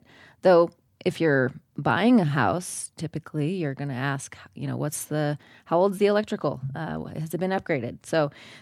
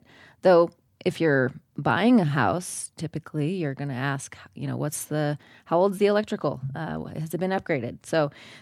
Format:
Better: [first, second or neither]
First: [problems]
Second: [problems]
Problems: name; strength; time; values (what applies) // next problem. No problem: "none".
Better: neither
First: none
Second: none